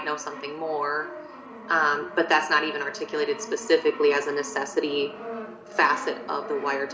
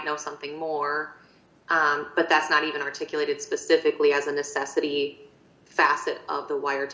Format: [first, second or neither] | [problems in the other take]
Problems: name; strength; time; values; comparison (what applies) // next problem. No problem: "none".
second | background sound (Brass instrument); 13 dB below the speech